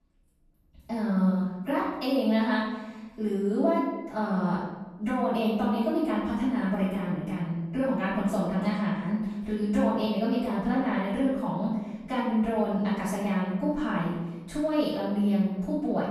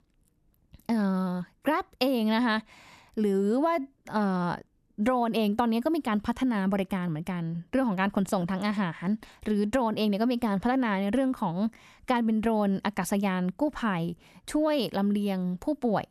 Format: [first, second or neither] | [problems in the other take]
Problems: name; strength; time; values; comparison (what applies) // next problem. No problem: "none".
second | room echo; strong; dies away in 1 s // off-mic speech; far